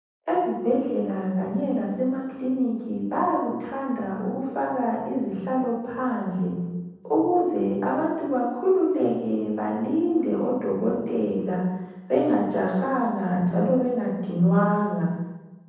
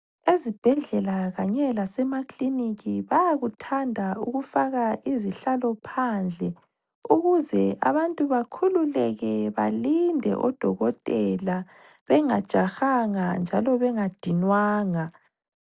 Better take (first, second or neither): second